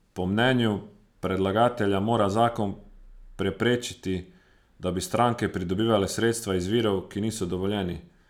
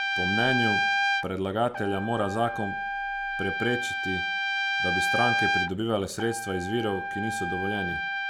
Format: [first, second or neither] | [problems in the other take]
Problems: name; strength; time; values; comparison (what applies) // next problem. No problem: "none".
first | background sound (Trumpet); 1 dB above the speech